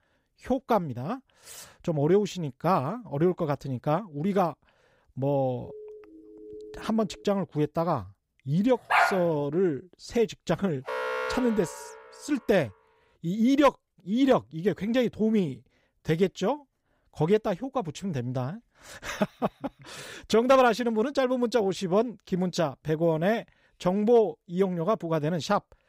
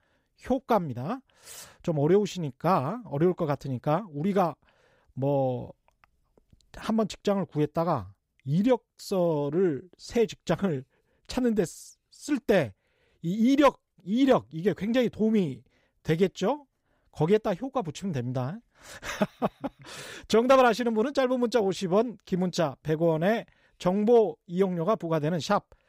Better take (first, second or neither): second